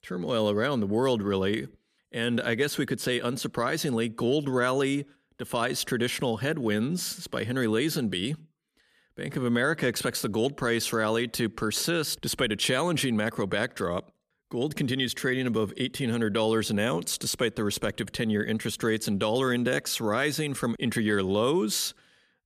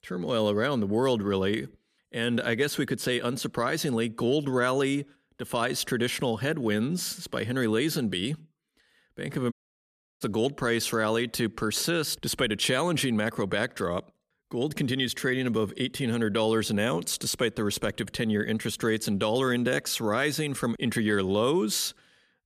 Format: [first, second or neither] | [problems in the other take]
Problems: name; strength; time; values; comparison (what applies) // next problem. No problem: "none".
first | audio cutting out; at 9.5 s for 0.5 s